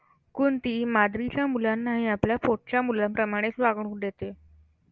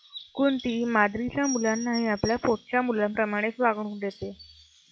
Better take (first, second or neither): first